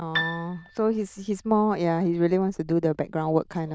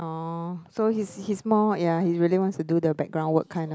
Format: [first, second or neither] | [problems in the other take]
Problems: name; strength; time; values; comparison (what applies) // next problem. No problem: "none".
second | noise reduction (neural diffusion model UNIVERSE++)